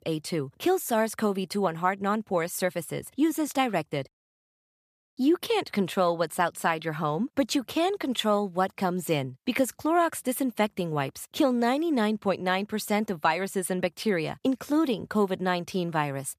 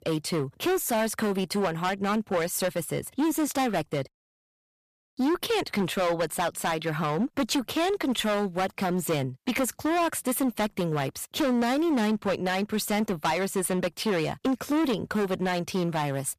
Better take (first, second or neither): first